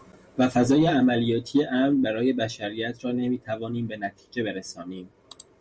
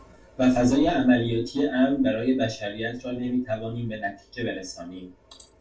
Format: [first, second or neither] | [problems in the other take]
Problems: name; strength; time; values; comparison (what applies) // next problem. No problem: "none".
first | room echo; dies away in 0.2 s